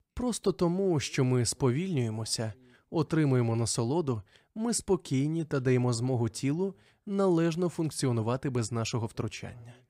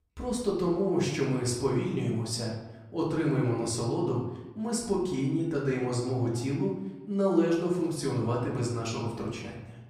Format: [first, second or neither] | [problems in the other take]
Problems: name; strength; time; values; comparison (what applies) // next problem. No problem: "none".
first | room echo; noticeable; dies away in 0.9 s // off-mic speech; far